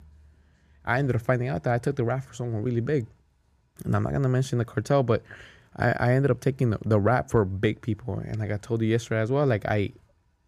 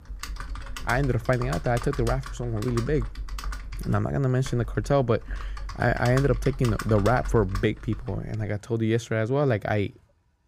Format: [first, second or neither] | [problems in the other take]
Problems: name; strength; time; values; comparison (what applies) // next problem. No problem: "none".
first | keyboard typing; noticeable; until 8.5 s; peak 8 dB below the speech